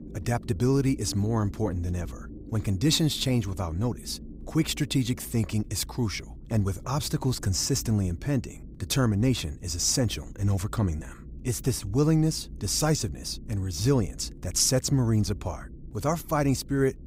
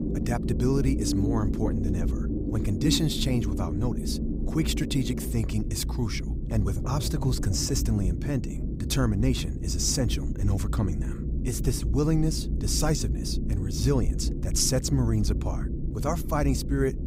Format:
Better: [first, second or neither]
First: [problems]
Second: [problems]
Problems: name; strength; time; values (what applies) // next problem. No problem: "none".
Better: first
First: low rumble; faint; throughout; 20 dB below the speech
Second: low rumble; loud; throughout; 7 dB below the speech